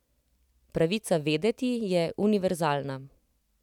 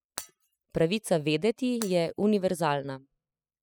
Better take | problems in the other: first | noise reduction (classical method spectral subtraction)

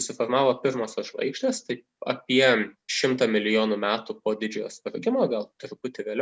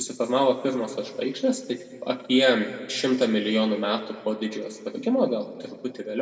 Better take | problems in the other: first | room echo; dies away in 1.5 s

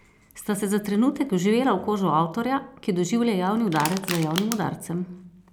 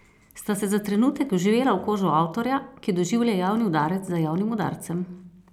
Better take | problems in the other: second | background sound (Crushing); 9 dB below the speech

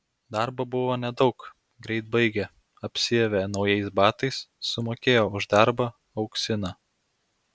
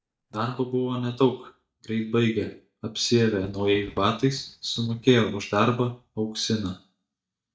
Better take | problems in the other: first | noise reduction (neural mask model DeepFilterNet 3)

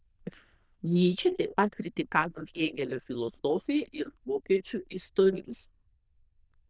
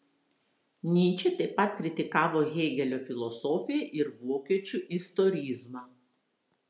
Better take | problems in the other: second | noise reduction (neural diffusion model UNIVERSE++)

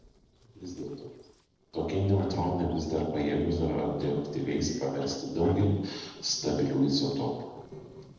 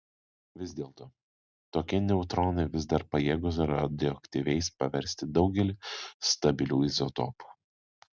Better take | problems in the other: second | noise reduction (neural separator model SepFormer DNS4)

